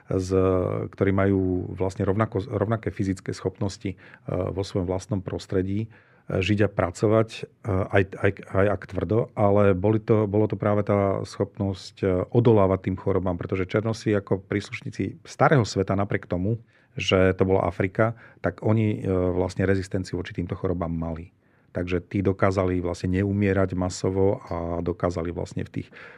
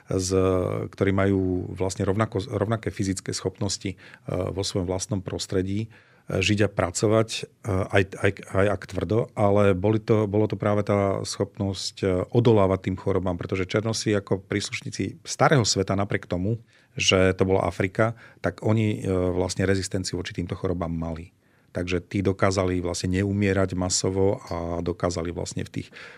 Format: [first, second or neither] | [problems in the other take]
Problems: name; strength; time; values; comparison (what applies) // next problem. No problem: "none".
second | muffled; slightly; fading above 3 kHz